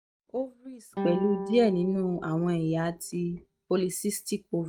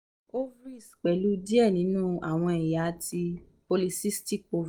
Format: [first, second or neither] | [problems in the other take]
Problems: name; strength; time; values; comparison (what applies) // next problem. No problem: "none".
second | noise reduction (neural mask model RNNoise)